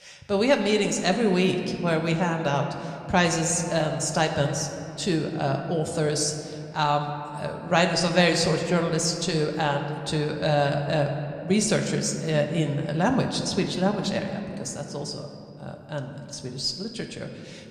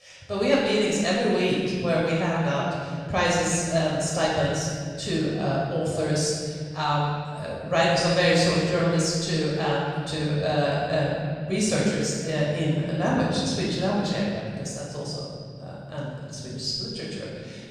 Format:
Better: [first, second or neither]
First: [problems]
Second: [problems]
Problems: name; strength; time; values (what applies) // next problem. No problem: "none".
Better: first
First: room echo; slight; dies away in 2.2 s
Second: room echo; strong; dies away in 2 s // off-mic speech; far